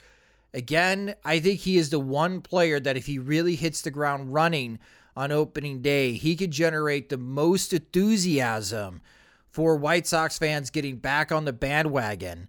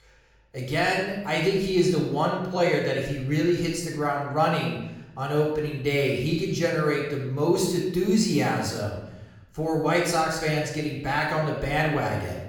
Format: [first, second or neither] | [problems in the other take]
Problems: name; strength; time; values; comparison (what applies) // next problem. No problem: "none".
first | off-mic speech; somewhat distant // room echo; noticeable; dies away in 0.8 s